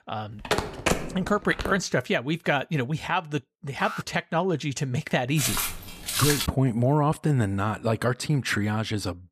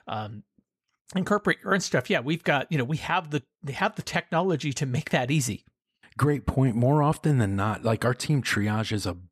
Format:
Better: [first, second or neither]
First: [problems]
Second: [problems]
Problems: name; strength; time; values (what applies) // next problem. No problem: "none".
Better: second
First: phone ringing; loud; until 1.5 s; peak level with the speech // alarm; noticeable; at 4 s; peak 9 dB below the speech // footsteps; loud; from 5.5 to 6.5 s; peak 2 dB above the speech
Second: none